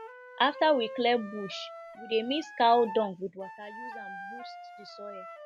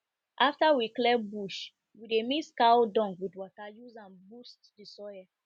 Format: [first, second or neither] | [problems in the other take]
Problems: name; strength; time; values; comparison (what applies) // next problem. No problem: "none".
second | background sound (Wind instrument, woodwind instrument); 14 dB below the speech